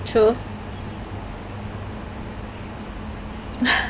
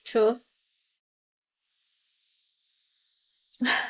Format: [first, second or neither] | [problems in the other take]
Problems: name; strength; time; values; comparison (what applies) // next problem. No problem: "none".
first | noise reduction (neural mask model Resemble Enhance denoiser)